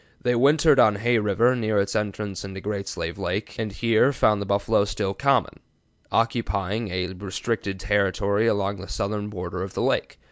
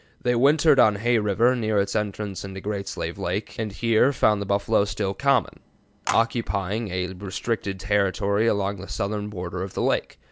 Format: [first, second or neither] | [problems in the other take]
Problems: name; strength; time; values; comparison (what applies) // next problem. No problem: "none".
first | background sound (Telephone); 13 dB below the speech